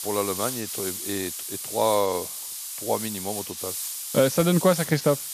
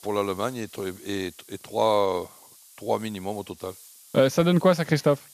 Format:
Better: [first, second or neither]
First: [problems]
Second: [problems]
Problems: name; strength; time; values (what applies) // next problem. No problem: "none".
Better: second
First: hiss; loud; throughout; 5 dB below the speech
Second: hiss; faint; throughout; 20 dB below the speech